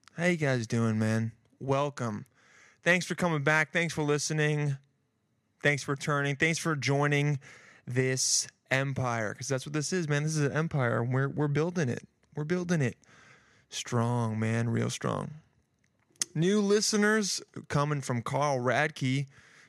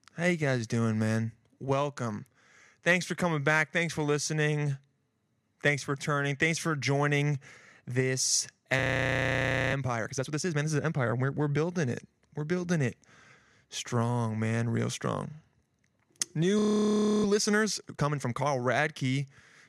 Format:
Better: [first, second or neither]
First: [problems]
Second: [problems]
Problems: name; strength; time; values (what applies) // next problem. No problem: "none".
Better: first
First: none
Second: audio freezing; at 9 s for 1 s and at 17 s for 0.5 s